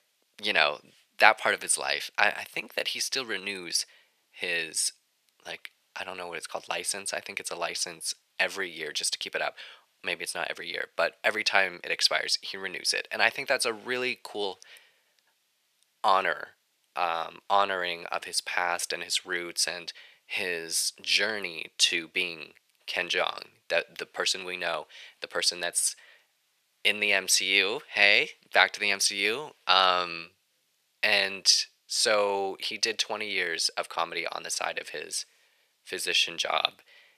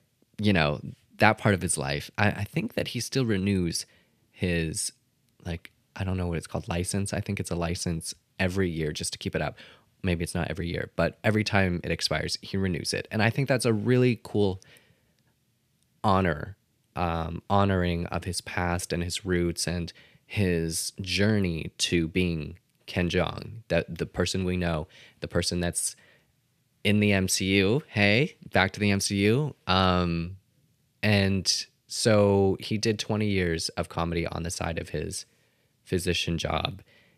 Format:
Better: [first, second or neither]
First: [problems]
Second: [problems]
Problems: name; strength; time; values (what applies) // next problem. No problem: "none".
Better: second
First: thin; very; fading below 750 Hz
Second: none